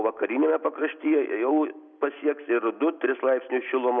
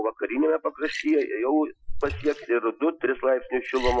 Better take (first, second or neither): first